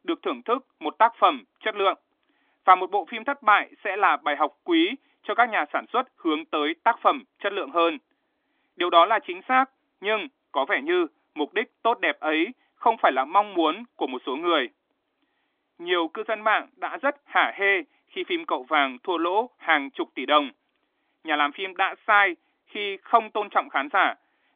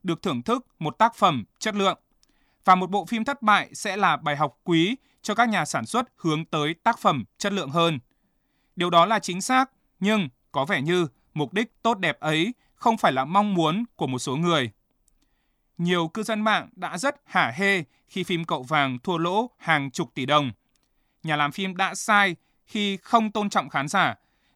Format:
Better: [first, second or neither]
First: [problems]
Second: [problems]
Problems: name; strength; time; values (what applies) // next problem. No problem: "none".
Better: second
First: phone-call audio; nothing above 3.5 kHz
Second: none